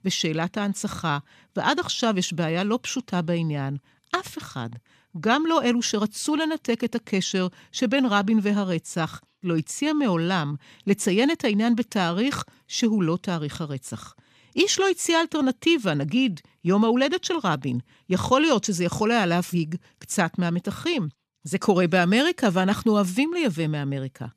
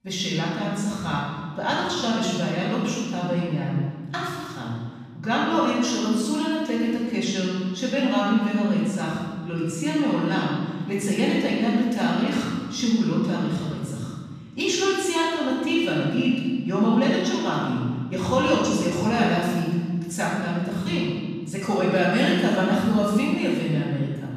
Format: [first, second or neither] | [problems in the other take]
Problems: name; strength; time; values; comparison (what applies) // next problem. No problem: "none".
first | off-mic speech; far // room echo; strong; dies away in 1.5 s